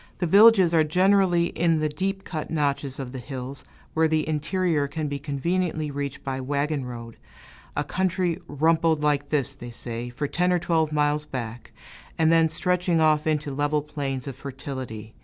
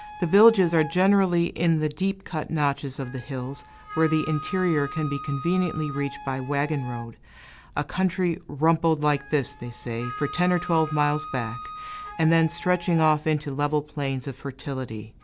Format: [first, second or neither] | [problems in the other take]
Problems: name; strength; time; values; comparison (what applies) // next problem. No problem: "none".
first | background sound (Wind instrument, woodwind instrument); 15 dB below the speech